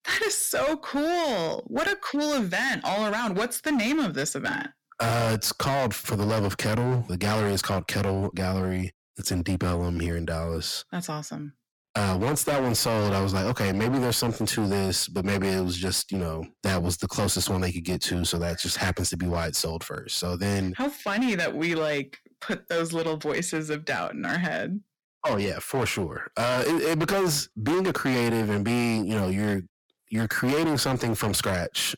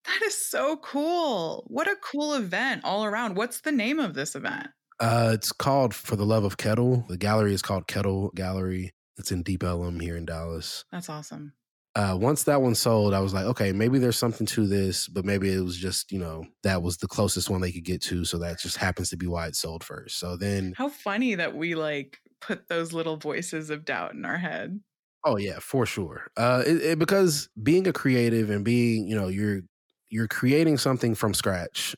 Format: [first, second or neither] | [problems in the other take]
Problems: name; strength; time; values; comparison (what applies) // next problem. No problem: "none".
second | distortion; heavy; 19% of the sound clipped